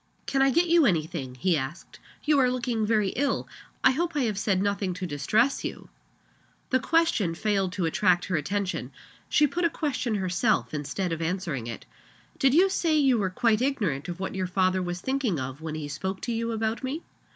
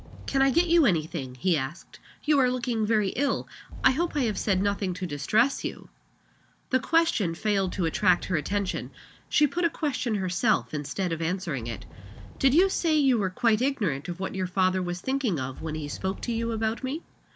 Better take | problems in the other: first | background sound (Fireworks); 17 dB below the speech

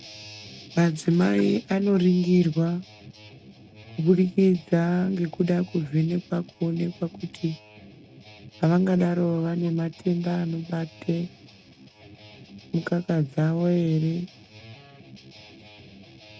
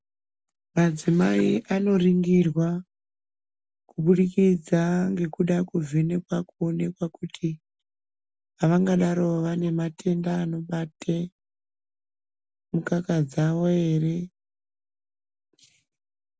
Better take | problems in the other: second | noise reduction (neural mask model RNNoise)

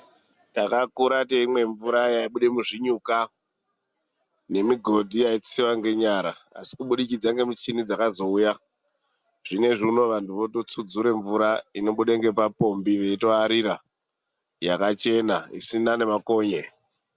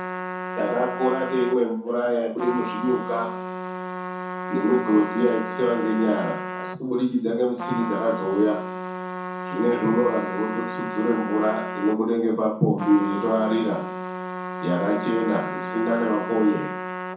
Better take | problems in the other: first | background sound (Trumpet); 7 dB below the speech // room echo; dies away in 0.5 s

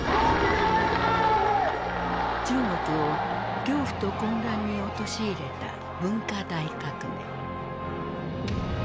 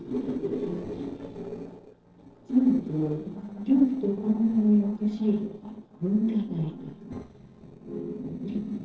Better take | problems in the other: first | noise reduction (neural separator model SepFormer DNS4)

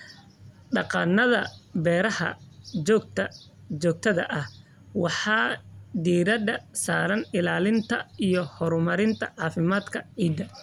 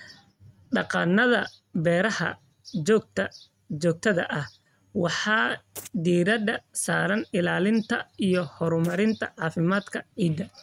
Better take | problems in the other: first | noise reduction (neural mask model RNNoise)

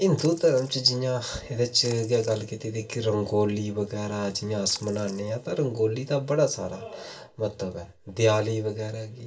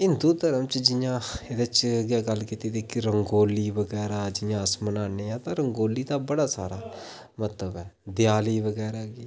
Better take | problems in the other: second | background sound (Splash, splatter); 18 dB below the speech // room echo; dies away in 0.2 s

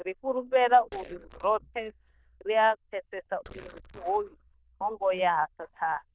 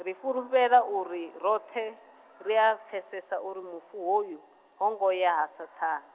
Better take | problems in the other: second | noise reduction (neural diffusion model UNIVERSE++)

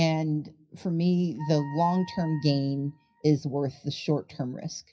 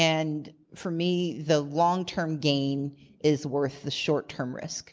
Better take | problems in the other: second | noise reduction (classical method WPE with log-MMSE)

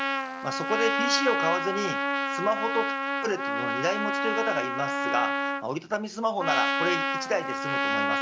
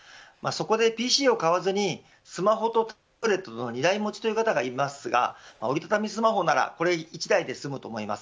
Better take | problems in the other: second | background sound (Trumpet); 2 dB above the speech

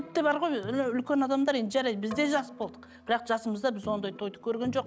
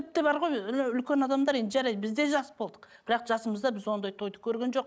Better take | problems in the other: second | background sound (Keyboard (musical)); 18 dB below the speech

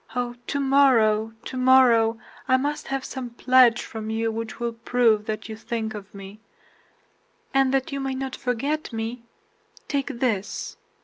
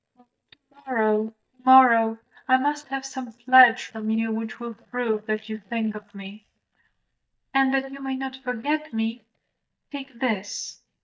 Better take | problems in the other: first | noise reduction (neural mask model DeepFilterNet 3)

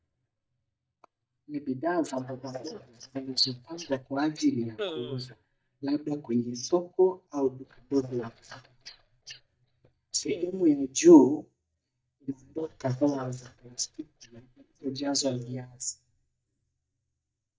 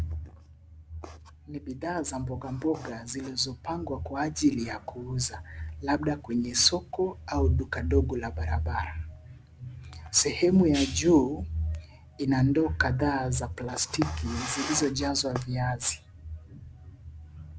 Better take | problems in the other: second | noise reduction (neural mask model DeepFilterNet 3)

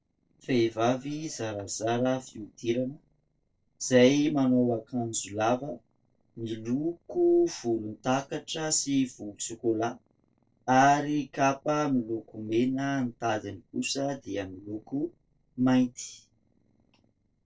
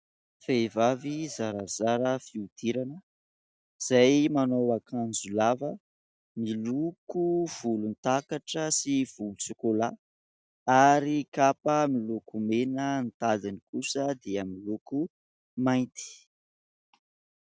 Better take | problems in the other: second | noise reduction (neural separator model SepFormer DNS4)

